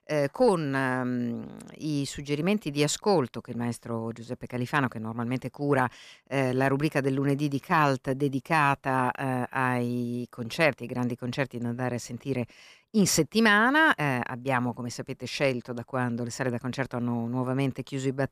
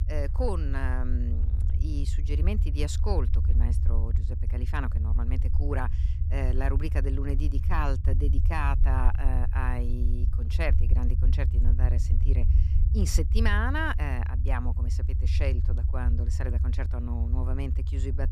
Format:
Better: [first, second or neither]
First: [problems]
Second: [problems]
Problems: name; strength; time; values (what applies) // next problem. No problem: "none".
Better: first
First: none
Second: low rumble; loud; throughout; 10 dB below the speech